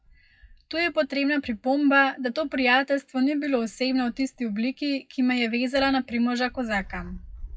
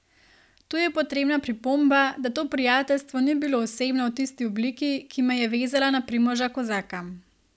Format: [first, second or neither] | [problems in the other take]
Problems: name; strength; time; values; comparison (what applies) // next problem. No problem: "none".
second | noise reduction (classical method WPE with log-MMSE)